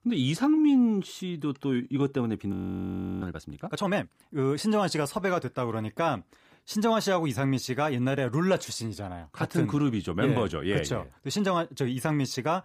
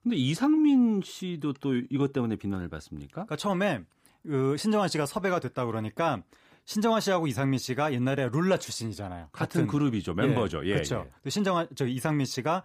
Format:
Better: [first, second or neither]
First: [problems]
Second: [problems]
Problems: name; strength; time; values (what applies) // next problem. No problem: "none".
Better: second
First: audio freezing; at 2.5 s for 0.5 s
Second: none